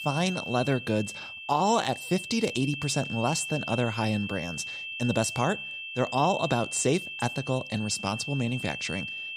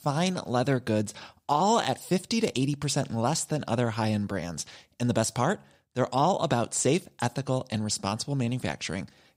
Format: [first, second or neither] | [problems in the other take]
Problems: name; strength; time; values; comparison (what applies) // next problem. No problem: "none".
second | high-pitched whine; loud; throughout; 2.5 kHz, 7 dB below the speech